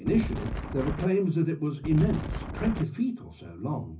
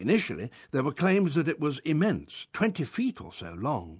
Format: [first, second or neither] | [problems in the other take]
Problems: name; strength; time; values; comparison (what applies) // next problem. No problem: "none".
second | background sound (Wind); 5 dB below the speech // room echo; dies away in 0.4 s